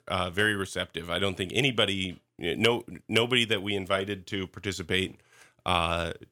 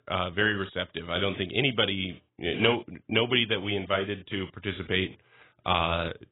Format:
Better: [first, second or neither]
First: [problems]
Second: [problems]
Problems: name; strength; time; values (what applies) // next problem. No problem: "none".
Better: first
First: none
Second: garbled, watery; badly; nothing above 3.5 kHz